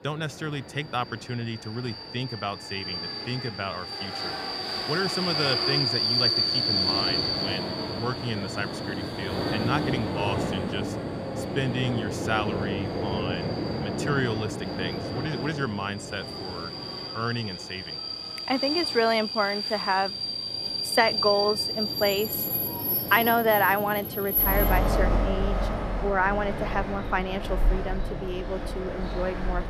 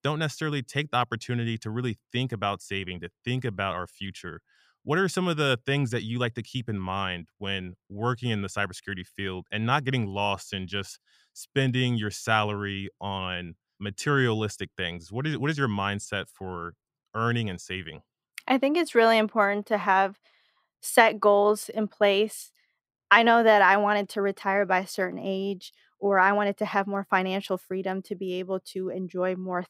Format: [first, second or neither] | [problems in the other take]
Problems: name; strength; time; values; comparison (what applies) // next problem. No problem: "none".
second | train or aircraft noise; very loud; throughout; 1 dB above the speech